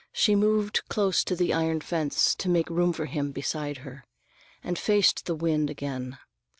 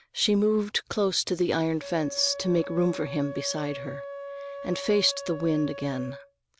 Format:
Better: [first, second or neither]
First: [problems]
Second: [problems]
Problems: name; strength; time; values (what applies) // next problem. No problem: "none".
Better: first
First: none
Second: background sound (Wind instrument, woodwind instrument); 12 dB below the speech